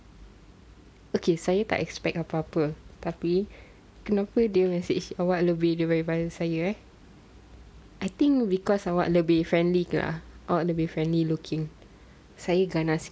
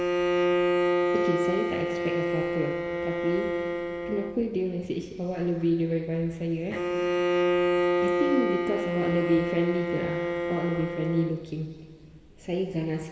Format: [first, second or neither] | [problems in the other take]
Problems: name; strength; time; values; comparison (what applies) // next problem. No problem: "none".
first | background sound (Bowed string instrument); 2 dB above the speech // room echo; dies away in 2.2 s